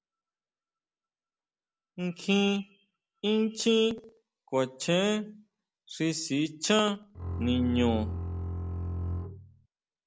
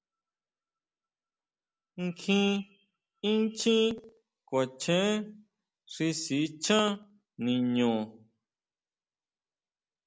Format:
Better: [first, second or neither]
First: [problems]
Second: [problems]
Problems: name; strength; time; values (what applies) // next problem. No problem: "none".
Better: second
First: background sound (Bowed string instrument); 3 dB below the speech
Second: none